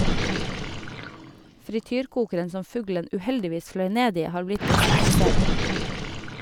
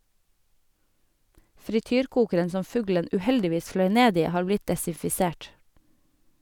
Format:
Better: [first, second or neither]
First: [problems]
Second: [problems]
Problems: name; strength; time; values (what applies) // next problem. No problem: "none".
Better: second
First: background sound (Gurgling); 4 dB above the speech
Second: none